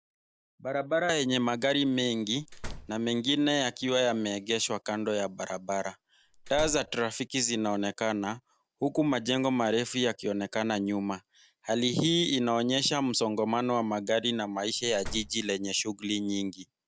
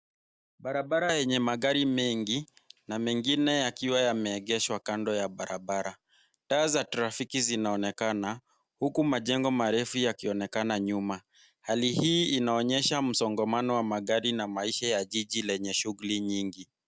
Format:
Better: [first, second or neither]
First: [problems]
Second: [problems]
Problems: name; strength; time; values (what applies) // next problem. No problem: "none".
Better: second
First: background sound (Slam); 12 dB below the speech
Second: none